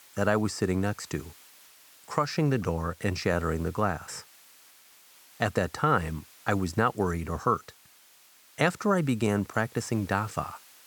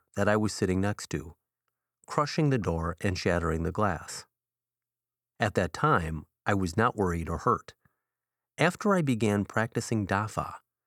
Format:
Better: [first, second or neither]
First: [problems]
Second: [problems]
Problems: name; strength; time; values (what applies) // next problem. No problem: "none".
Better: second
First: hiss; faint; throughout; 25 dB below the speech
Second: none